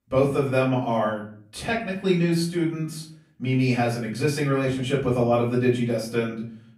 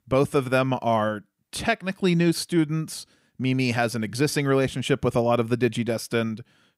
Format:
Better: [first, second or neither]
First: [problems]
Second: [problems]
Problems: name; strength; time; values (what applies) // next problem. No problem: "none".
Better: second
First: room echo; slight; dies away in 0.5 s // off-mic speech; far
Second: none